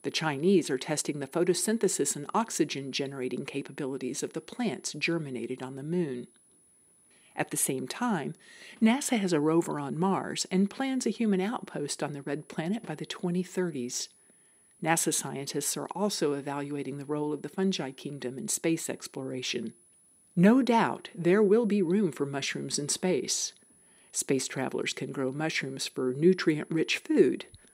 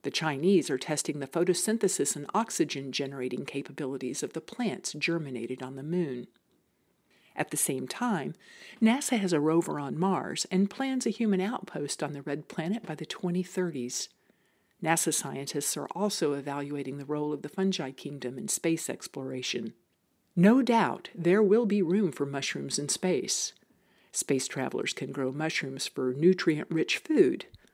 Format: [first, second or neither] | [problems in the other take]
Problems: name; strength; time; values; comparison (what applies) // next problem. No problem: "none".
second | high-pitched whine; faint; throughout; 10 kHz, 30 dB below the speech